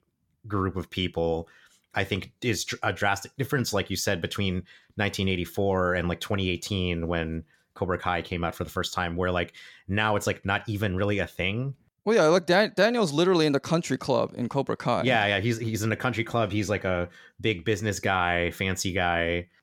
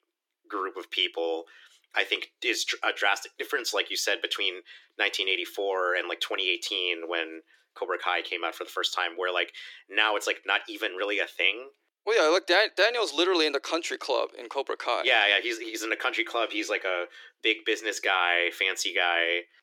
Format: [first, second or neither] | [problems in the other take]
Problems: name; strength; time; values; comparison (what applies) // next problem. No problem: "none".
first | thin; very; fading below 300 Hz